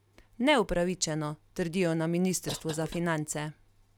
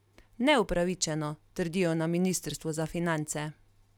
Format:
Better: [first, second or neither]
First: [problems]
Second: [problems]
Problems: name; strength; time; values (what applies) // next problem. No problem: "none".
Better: second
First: background sound (Cough); 16 dB below the speech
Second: none